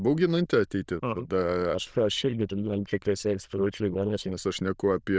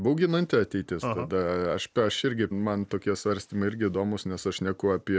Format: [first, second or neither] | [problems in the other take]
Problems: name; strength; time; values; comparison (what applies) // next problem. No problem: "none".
second | noise reduction (neural diffusion model UNIVERSE++)